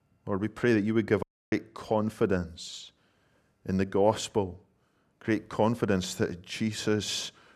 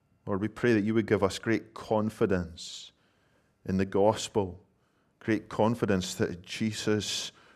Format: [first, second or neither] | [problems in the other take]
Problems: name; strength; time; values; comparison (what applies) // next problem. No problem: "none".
second | audio cutting out; at 1 s